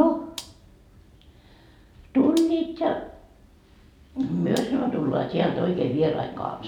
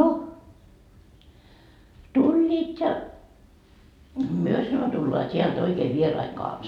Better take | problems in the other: second | background sound (Gunshot, gunfire); 20 dB below the speech

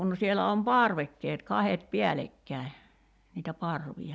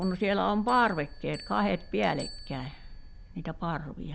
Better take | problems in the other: first | background sound (Bell + Boat, Water vehicle); 14 dB below the speech

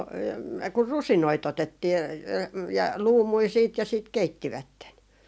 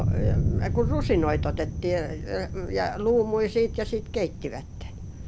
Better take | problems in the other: first | background sound (Thunder); 1 dB below the speech

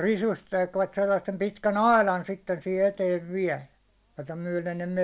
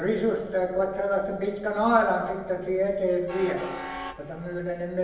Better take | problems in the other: first | background sound (Train); 16 dB below the speech // room echo; dies away in 1 s

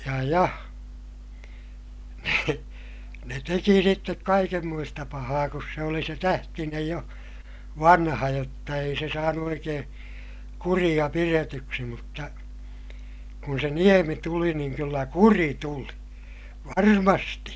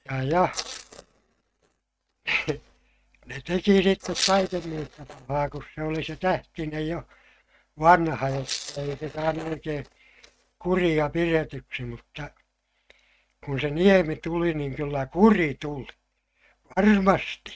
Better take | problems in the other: first | noise reduction (neural mask model RNNoise)

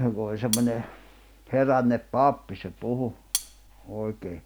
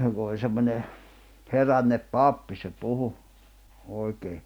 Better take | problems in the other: second | background sound (Cutlery, silverware); 7 dB below the speech

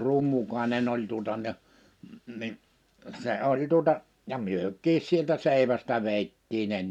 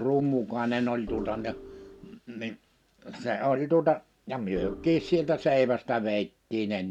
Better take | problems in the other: first | background sound (Organ); 11 dB below the speech

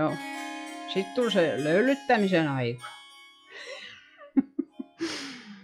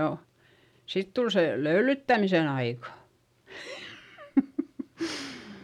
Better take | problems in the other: second | noise reduction (classical method log-MMSE)

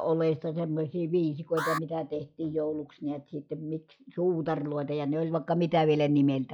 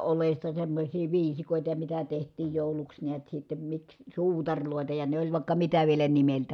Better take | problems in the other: second | noise reduction (classical method log-MMSE)

